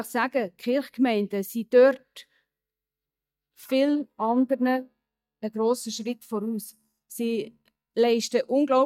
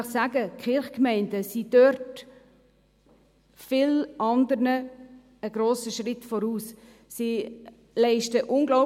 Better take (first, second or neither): second